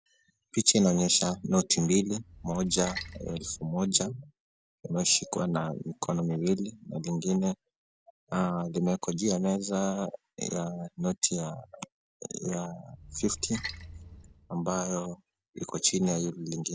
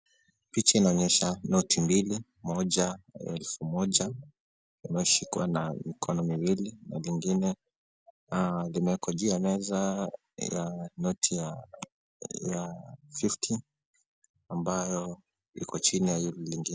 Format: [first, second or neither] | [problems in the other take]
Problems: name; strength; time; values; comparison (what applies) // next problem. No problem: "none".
second | background sound (Splash, splatter); 14 dB below the speech